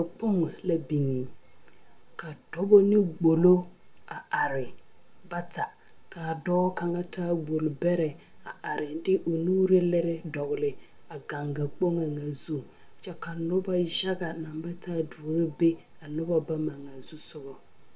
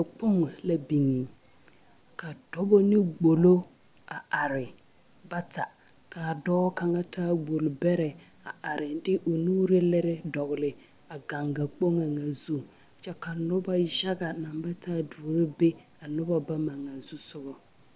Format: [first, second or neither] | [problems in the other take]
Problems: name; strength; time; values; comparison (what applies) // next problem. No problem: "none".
second | room echo; dies away in 0.2 s